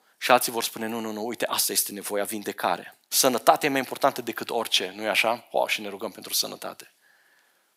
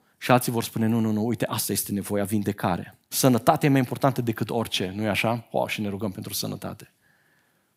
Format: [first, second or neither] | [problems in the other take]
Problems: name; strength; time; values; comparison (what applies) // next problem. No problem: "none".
second | thin; somewhat; fading below 450 Hz